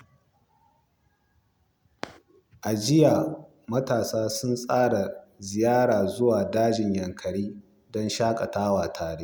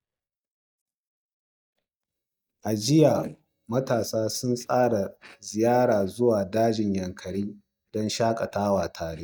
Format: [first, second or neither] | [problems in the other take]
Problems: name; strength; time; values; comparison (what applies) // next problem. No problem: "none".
first | noise reduction (neural mask model DeepFilterNet 3)